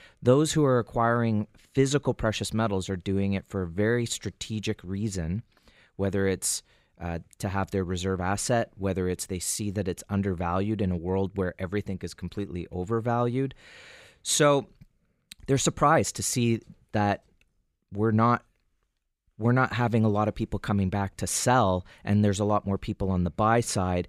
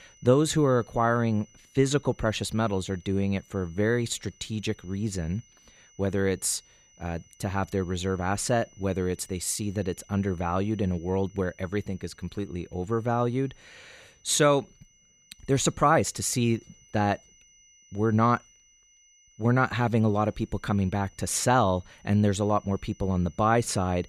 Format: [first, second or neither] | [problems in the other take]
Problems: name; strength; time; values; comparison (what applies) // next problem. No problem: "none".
first | high-pitched whine; faint; throughout; 6 kHz, 30 dB below the speech